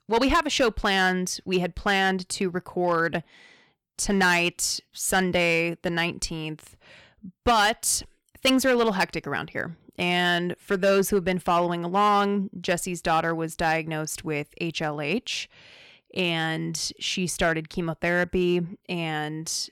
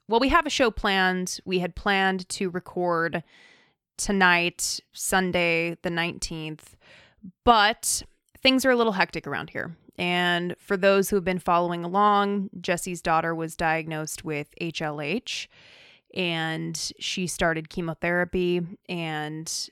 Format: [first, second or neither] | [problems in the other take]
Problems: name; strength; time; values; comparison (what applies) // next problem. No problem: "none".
second | distortion; slight; 3% of the sound clipped